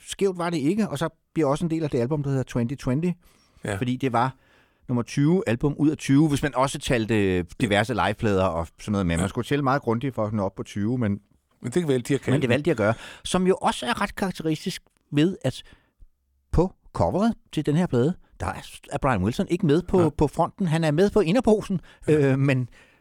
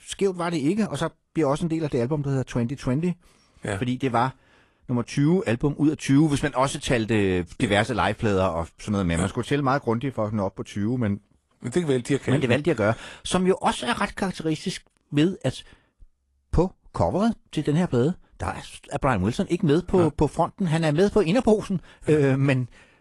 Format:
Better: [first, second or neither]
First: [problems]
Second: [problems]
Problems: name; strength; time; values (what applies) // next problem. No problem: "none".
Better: first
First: none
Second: garbled, watery; slightly; nothing above 11 kHz